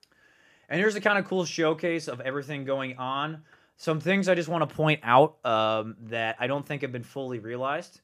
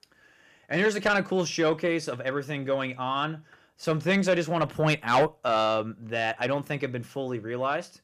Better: first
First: none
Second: distortion; slight; 10 dB below the speech

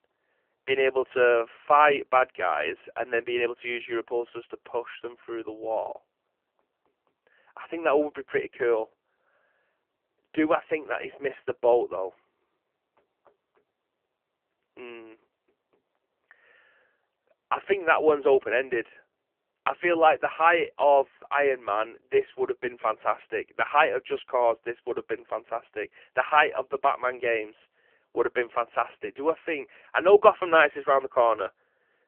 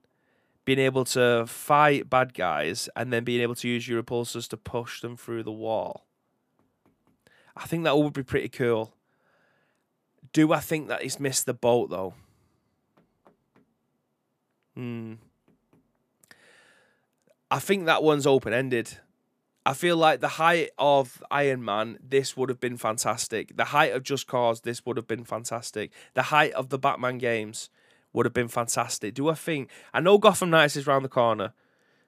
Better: second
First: phone-call audio; poor line; nothing above 3 kHz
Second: none

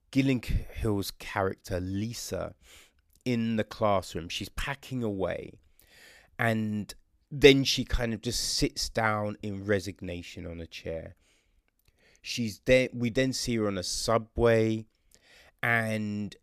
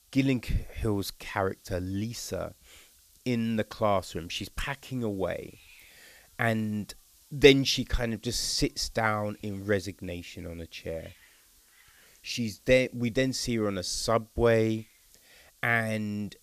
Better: first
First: none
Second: hiss; faint; throughout; 30 dB below the speech

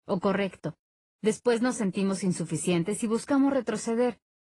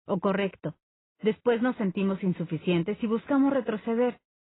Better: first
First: garbled, watery; slightly; nothing above 10 kHz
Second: garbled, watery; badly

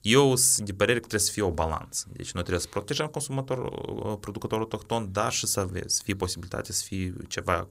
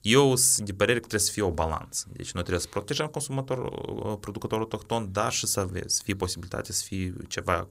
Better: neither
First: none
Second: none

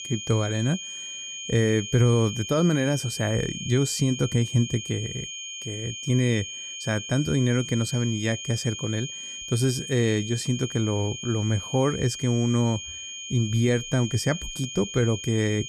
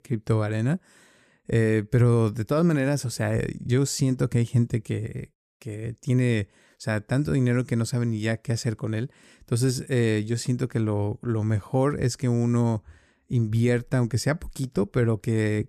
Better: second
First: high-pitched whine; loud; throughout; 3 kHz, 8 dB below the speech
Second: none

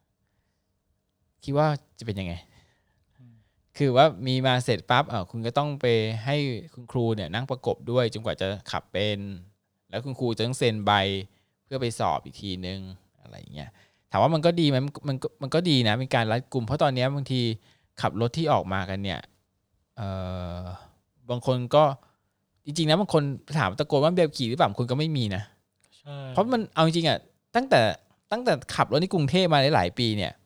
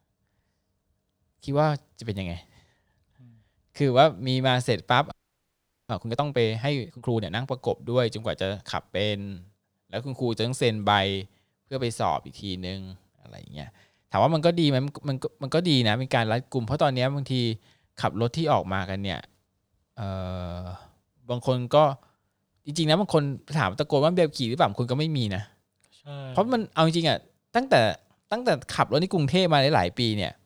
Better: first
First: none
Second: audio freezing; at 5 s for 1 s

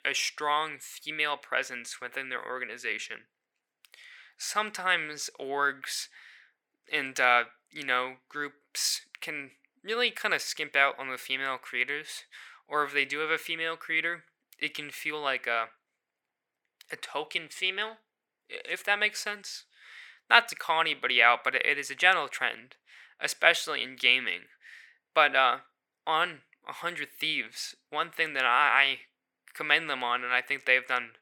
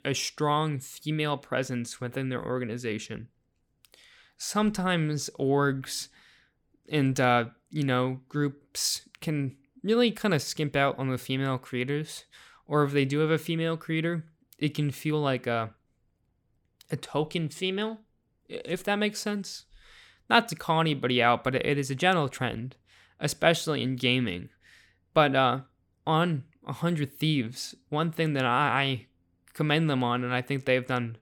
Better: second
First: thin; very; fading below 650 Hz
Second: none

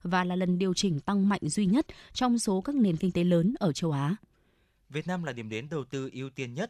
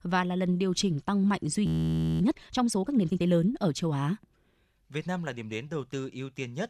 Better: first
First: none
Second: audio freezing; at 1.5 s for 0.5 s

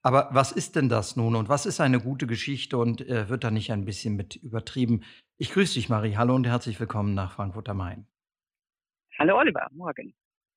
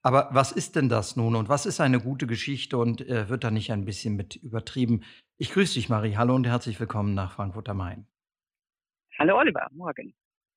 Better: neither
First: none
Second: none

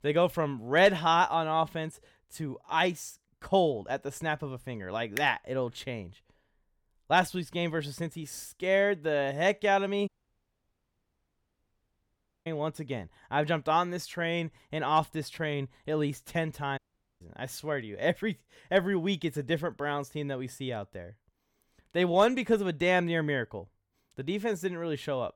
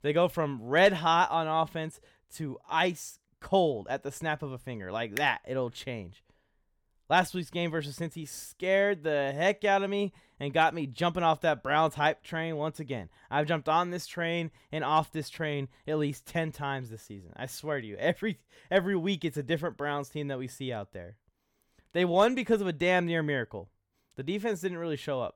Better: second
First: audio cutting out; at 10 s for 2.5 s and at 17 s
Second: none

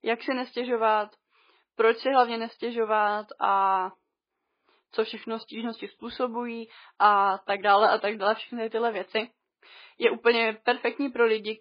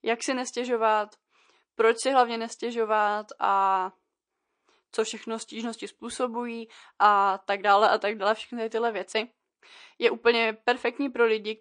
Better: second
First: garbled, watery; badly; nothing above 4.5 kHz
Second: garbled, watery; slightly; nothing above 9.5 kHz

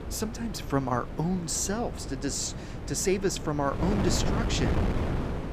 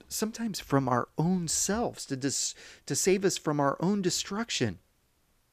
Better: second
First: wind noise on the microphone; heavy; 6 dB below the speech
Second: none

